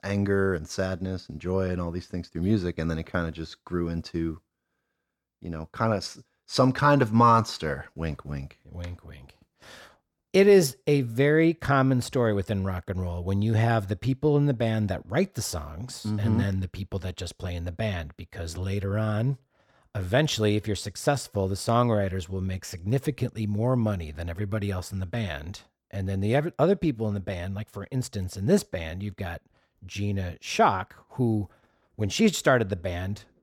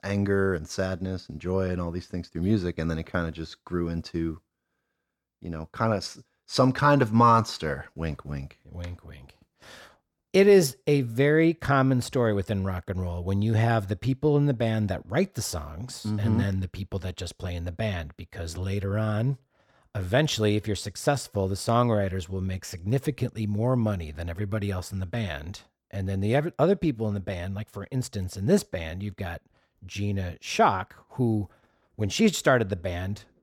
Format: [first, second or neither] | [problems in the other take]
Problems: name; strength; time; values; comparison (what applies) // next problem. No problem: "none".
neither | none